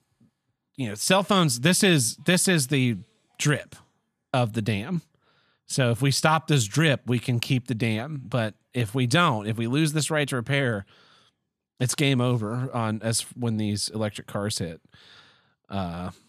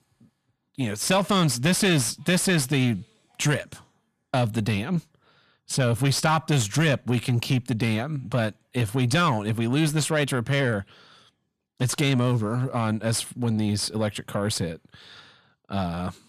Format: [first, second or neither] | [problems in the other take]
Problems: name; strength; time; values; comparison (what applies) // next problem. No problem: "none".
first | distortion; slight; 10 dB below the speech